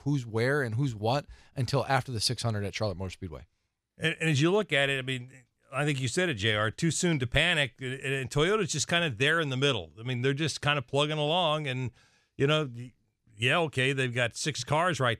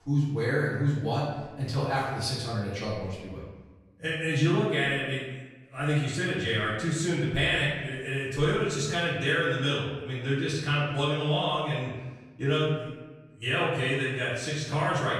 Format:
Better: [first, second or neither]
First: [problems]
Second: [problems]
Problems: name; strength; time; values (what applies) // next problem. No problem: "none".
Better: first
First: none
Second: off-mic speech; far // room echo; noticeable; dies away in 1.1 s